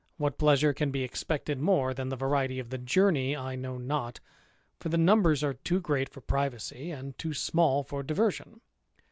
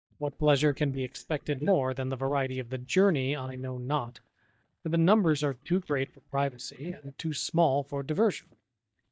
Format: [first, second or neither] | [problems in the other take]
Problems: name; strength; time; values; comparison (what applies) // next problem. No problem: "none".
first | noise reduction (neural mask model DeepFilterNet 3)